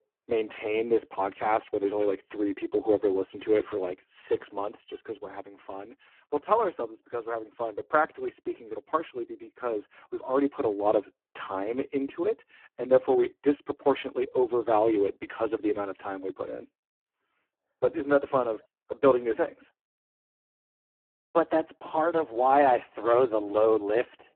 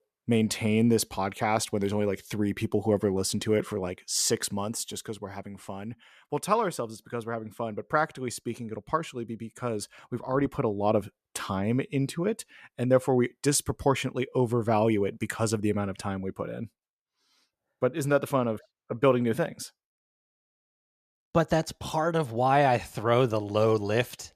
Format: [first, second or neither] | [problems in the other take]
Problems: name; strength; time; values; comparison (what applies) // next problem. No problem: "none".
second | phone-call audio; poor line